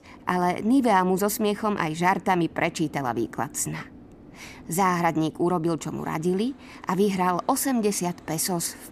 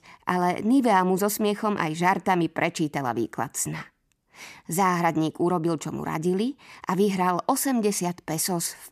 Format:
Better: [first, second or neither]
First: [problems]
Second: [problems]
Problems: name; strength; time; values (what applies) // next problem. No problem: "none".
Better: second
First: train or aircraft noise; faint; throughout; 20 dB below the speech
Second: none